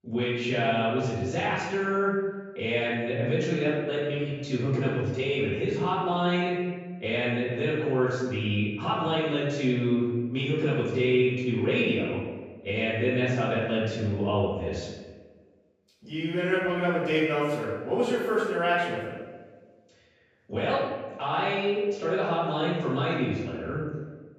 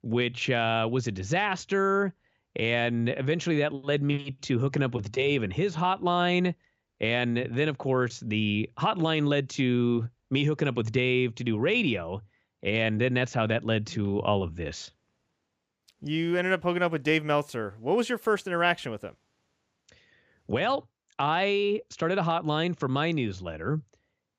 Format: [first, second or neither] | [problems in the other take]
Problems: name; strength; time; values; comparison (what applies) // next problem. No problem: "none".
second | room echo; strong; dies away in 1.1 s // off-mic speech; far